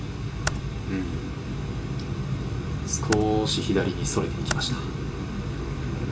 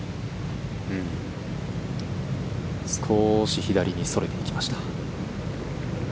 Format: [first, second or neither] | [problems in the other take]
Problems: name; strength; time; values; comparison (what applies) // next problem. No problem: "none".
second | background sound (Computer keyboard); 11 dB below the speech // room echo; dies away in 0.2 s